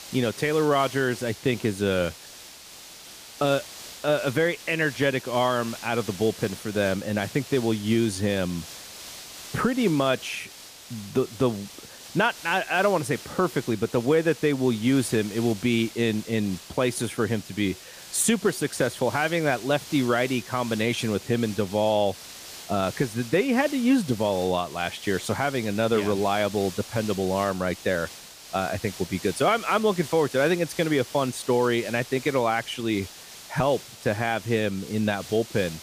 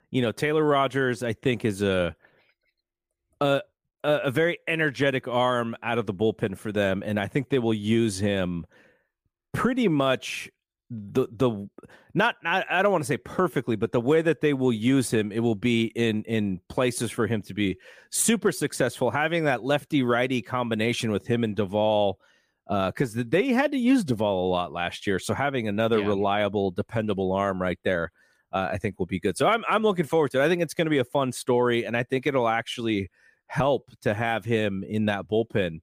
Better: second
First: hiss; noticeable; throughout; 15 dB below the speech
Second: none

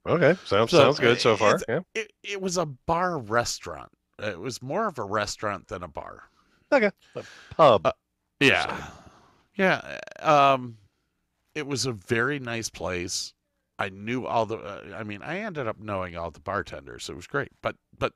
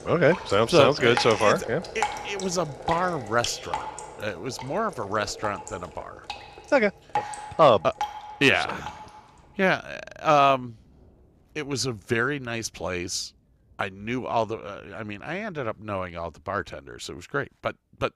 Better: first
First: none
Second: rain or running water; noticeable; throughout; 10 dB below the speech

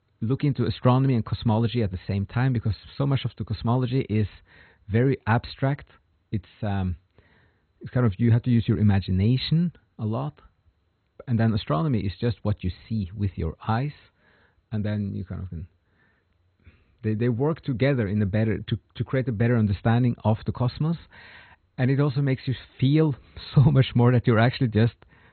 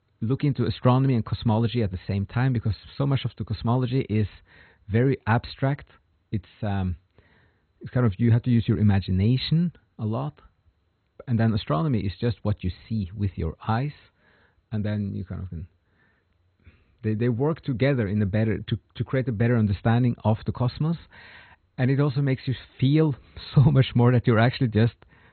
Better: neither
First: garbled, watery; badly; nothing above 4 kHz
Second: garbled, watery; badly; nothing above 4 kHz

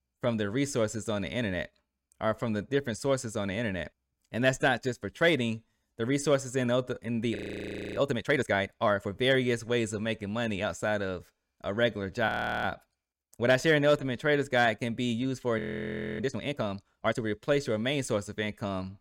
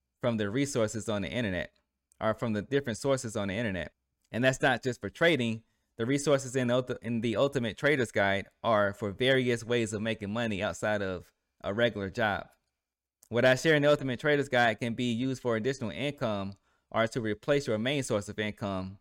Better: second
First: audio freezing; at 7.5 s for 0.5 s, at 12 s and at 16 s for 0.5 s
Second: none

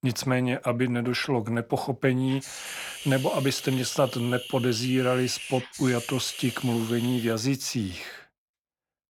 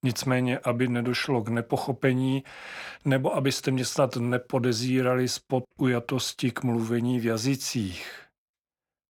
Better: second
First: hiss; noticeable; from 2.5 to 7.5 s; 10 dB below the speech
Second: none

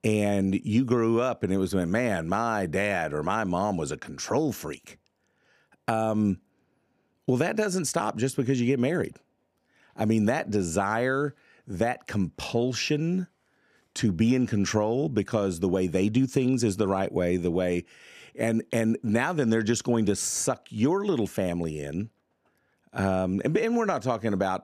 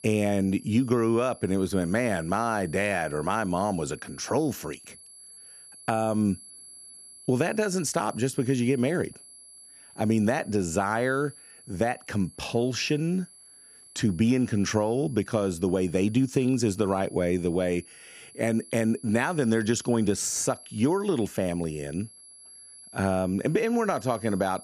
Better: first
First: none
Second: high-pitched whine; noticeable; throughout; 11 kHz, 20 dB below the speech

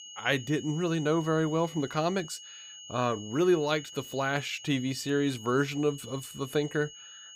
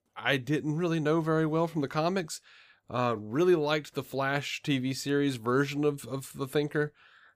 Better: second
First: high-pitched whine; noticeable; throughout; 3 kHz, 15 dB below the speech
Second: none

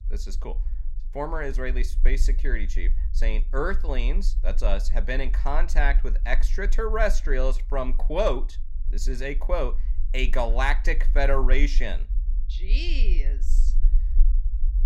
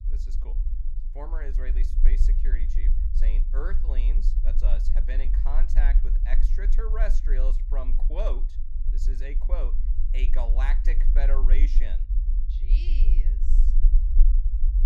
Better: first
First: low rumble; faint; throughout; 25 dB below the speech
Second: low rumble; loud; throughout; 10 dB below the speech

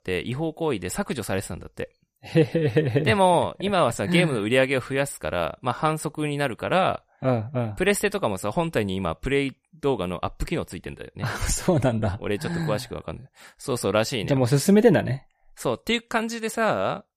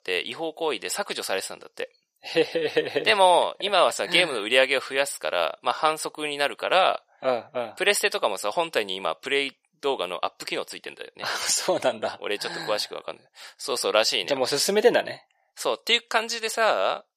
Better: first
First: none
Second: thin; very; fading below 550 Hz

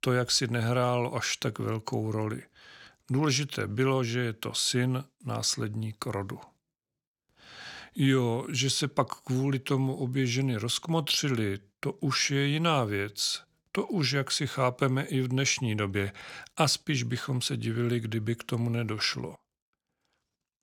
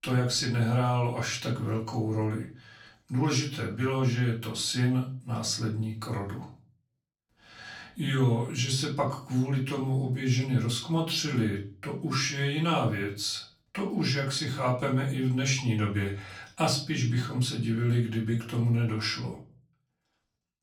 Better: first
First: none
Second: off-mic speech; far // room echo; slight; dies away in 0.3 s

